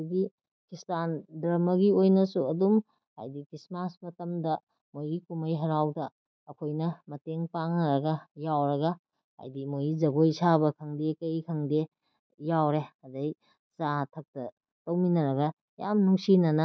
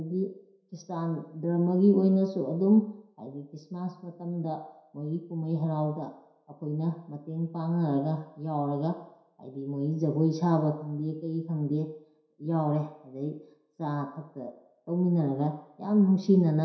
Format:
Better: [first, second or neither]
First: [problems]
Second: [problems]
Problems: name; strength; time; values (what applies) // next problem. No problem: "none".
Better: first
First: none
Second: room echo; dies away in 0.7 s